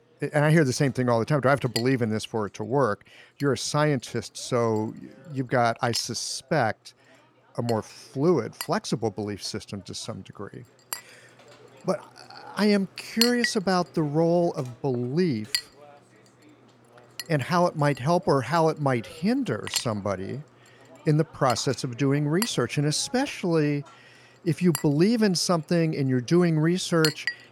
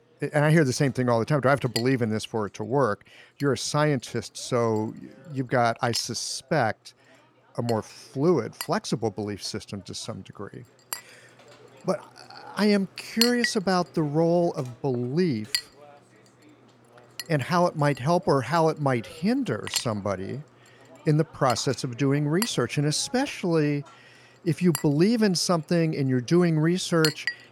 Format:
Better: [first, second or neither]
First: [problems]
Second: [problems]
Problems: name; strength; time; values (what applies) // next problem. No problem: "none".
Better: neither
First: household noises; loud; throughout; 7 dB below the speech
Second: household noises; loud; throughout; 7 dB below the speech